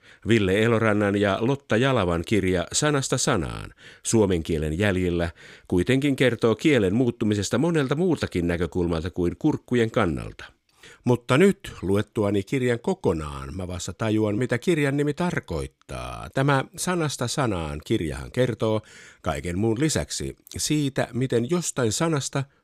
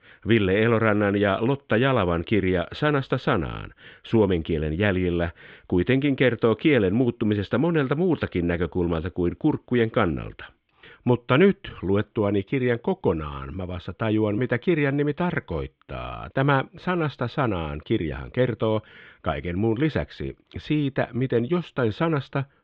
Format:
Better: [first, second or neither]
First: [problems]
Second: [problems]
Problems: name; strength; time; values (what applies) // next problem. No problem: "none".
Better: first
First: none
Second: muffled; very; fading above 3 kHz